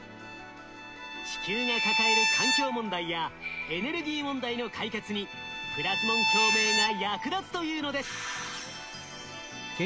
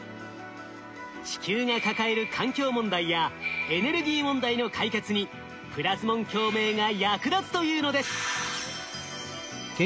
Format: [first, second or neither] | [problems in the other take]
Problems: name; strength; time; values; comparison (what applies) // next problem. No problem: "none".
second | background sound (Bowed string instrument); 2 dB above the speech